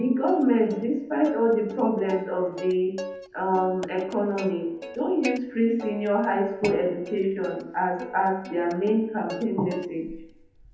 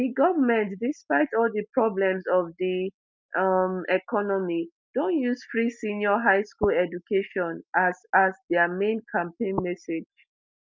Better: second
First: background sound (Plucked string instrument); 15 dB below the speech // room echo; dies away in 1 s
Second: none

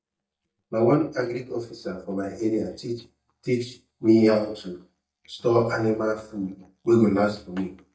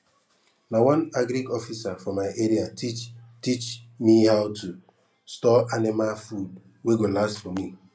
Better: second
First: noise reduction (neural mask model DeepFilterNet 3)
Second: none

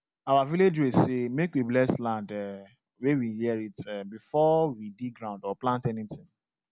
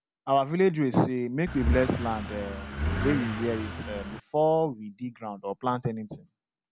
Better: first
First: none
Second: background sound (Accelerating, revving, vroom / Car); 3 dB below the speech

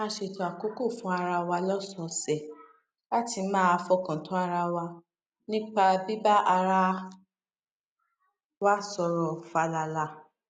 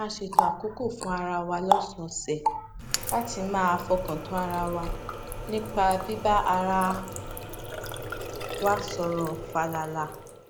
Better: first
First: none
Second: background sound (Water tap, faucet); 3 dB below the speech

